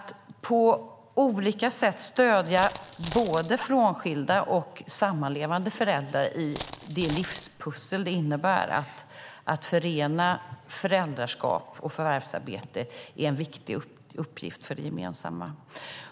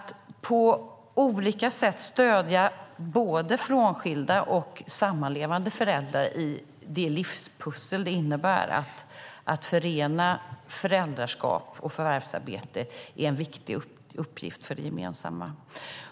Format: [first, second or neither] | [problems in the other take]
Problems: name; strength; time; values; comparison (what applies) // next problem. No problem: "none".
second | background sound (Coin (dropping)); 13 dB below the speech